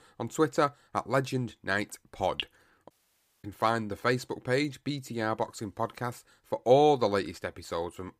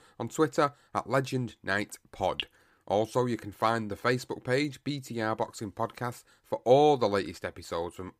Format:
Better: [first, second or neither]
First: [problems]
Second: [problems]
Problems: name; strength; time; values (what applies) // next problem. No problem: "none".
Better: second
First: audio cutting out; at 3 s for 0.5 s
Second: none